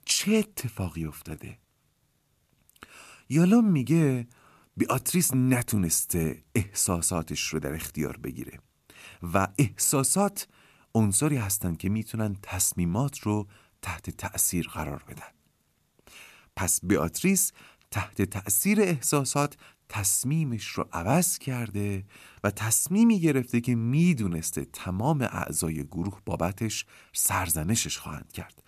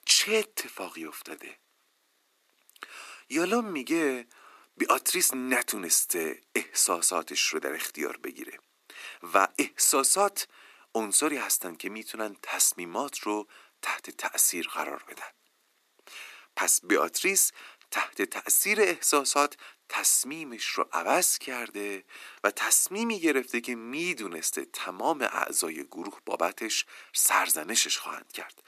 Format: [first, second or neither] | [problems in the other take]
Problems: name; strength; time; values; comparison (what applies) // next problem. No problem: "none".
first | thin; very; fading below 300 Hz